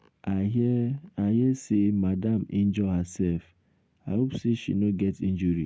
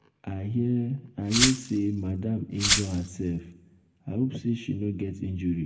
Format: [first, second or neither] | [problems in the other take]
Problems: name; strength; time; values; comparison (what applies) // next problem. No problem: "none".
first | background sound (Glass); as loud as the speech // room echo; dies away in 0.5 s